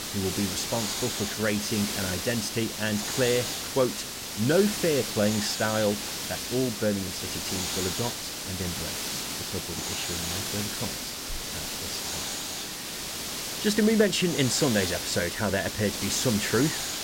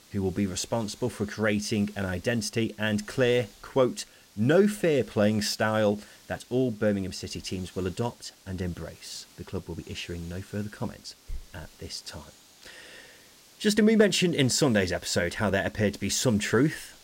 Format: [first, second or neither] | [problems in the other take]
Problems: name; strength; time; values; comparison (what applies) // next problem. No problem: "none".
second | hiss; loud; throughout; 3 dB below the speech; faint in the second